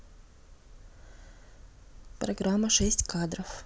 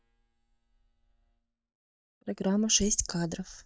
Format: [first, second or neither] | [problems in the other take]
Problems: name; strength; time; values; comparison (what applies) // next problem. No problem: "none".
first | noise reduction (neural mask model DeepFilterNet 3)